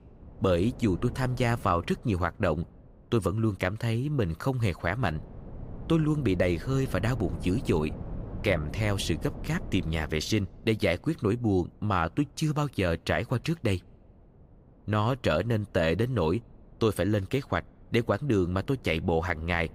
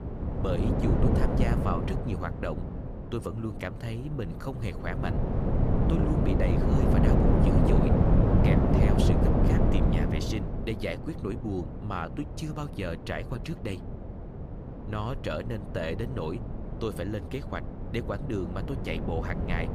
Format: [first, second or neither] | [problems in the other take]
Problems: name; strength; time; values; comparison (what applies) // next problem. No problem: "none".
first | wind noise on the microphone; heavy; 3 dB above the speech; occasional gusts in the first